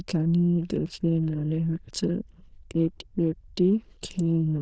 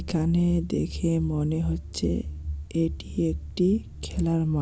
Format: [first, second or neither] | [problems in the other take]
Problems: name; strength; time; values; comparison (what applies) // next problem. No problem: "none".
second | noise reduction (neural diffusion model UNIVERSE++)